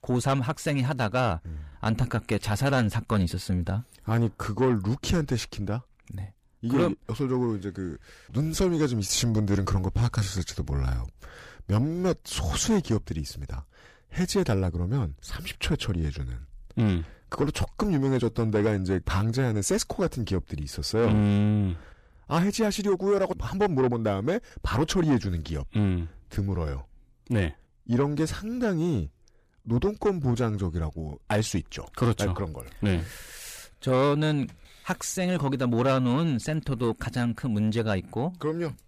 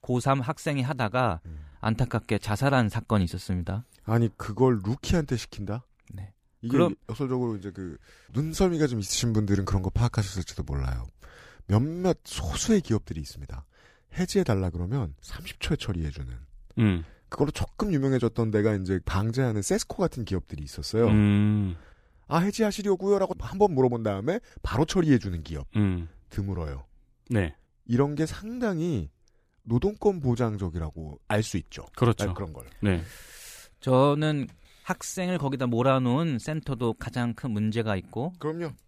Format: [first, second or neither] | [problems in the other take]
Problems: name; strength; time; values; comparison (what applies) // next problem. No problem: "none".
second | distortion; slight; 10 dB below the speech